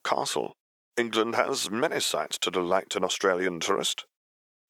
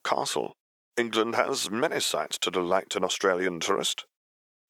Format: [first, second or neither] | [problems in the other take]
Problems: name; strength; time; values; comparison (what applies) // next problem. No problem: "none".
neither | thin; somewhat; fading below 450 Hz; the same in both